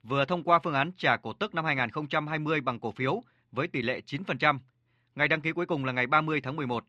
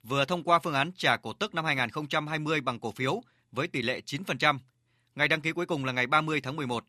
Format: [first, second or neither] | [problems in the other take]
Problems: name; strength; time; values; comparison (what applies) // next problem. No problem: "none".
second | muffled; slightly; fading above 3 kHz